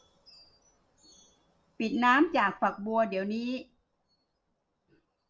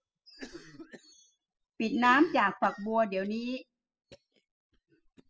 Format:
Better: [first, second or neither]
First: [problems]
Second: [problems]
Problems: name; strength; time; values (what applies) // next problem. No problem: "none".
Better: first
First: none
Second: noise reduction (classical method spectral subtraction)